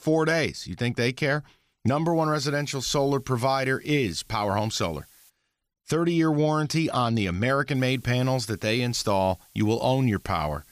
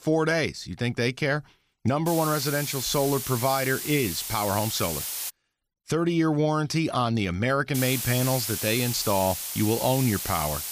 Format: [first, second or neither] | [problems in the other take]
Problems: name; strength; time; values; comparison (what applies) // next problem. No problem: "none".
first | hiss; loud; from 2 to 5.5 s and from 8 s on; 5 dB below the speech; faint in the first